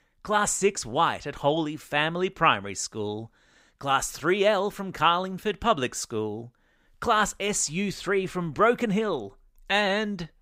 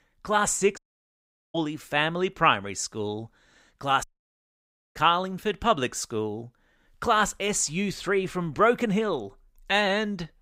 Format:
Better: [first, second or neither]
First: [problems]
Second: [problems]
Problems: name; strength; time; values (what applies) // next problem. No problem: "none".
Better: first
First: none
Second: audio cutting out; at 1 s for 1 s and at 4 s for 1 s